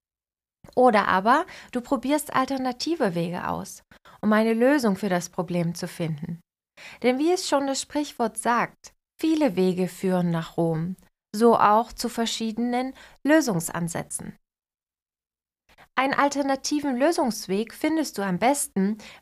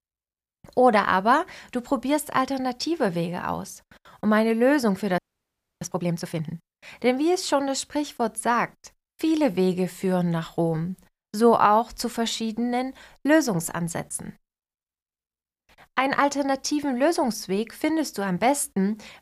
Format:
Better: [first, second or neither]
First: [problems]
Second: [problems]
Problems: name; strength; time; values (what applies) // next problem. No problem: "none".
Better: first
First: none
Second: audio freezing; at 5 s for 0.5 s